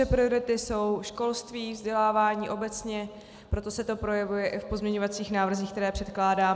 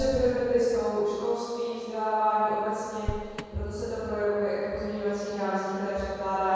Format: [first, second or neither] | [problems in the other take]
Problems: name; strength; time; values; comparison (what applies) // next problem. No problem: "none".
first | background sound (Motor vehicle (road)); 16 dB below the speech // room echo; dies away in 2.2 s